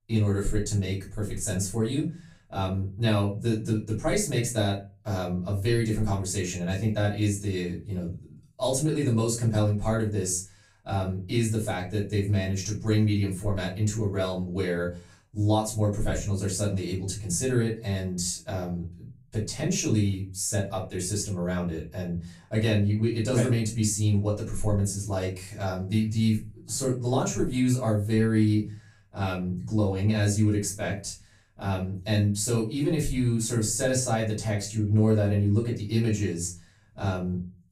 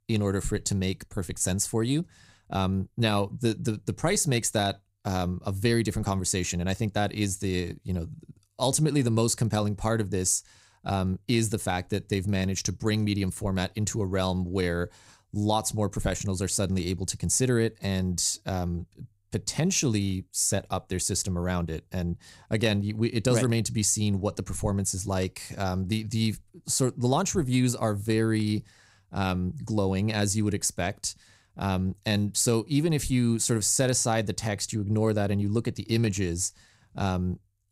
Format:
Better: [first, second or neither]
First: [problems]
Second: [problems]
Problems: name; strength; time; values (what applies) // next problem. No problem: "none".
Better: second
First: off-mic speech; far // room echo; slight; dies away in 0.3 s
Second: none